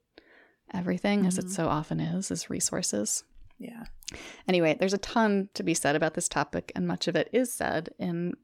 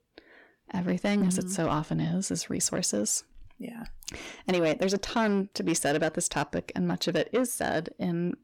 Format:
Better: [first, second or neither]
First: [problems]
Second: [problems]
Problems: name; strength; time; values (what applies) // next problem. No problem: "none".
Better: first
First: none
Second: distortion; slight; 10 dB below the speech